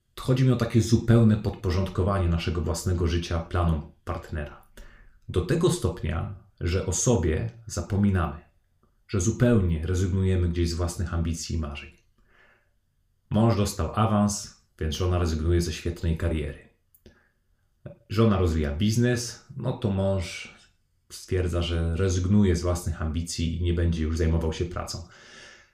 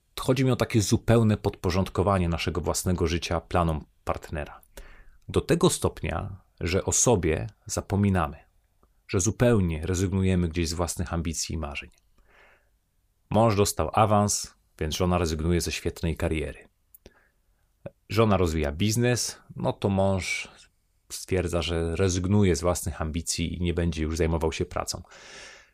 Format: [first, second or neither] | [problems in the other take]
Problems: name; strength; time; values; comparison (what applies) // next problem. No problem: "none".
second | room echo; very slight; dies away in 0.3 s